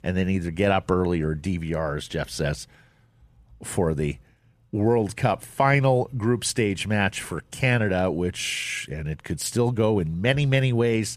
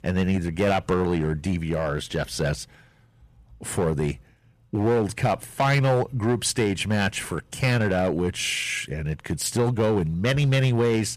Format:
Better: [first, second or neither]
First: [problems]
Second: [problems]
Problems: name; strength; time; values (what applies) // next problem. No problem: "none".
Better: first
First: none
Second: distortion; slight; 6% of the sound clipped